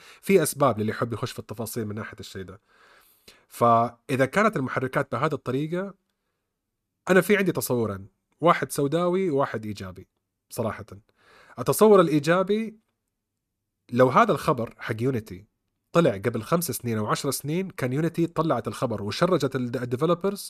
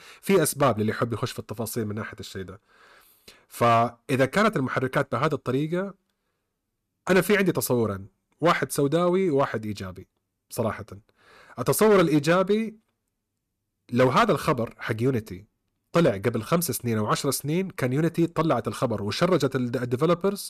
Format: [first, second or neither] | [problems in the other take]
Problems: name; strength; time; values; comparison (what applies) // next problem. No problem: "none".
first | distortion; slight; 3% of the sound clipped